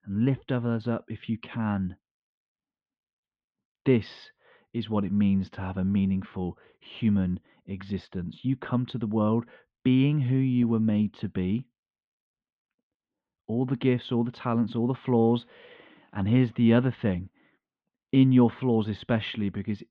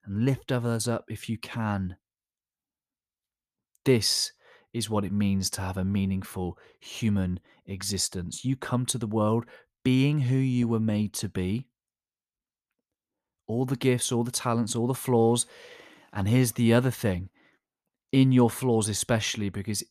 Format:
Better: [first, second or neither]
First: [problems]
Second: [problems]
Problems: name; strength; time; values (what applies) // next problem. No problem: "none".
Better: second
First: muffled; very; fading above 3.5 kHz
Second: none